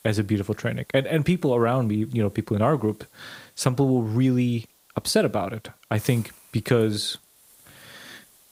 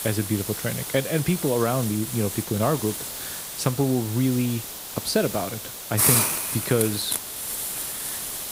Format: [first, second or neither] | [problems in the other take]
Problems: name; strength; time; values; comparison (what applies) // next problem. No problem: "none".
first | hiss; loud; throughout; 1 dB below the speech; faint in the first